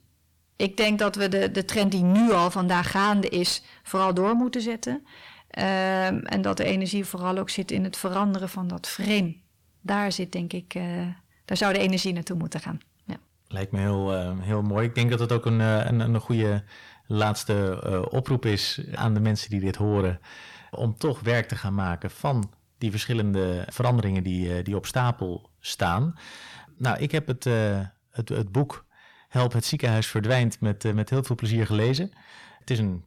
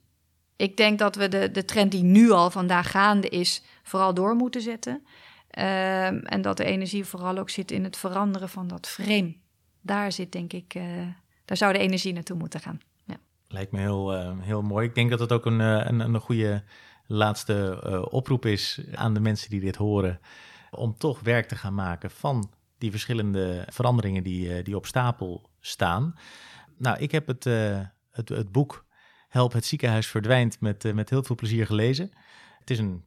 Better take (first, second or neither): second